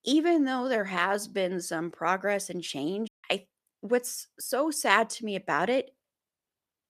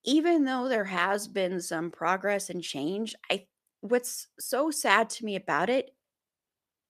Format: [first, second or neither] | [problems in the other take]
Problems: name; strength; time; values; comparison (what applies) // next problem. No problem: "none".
second | audio cutting out; at 3 s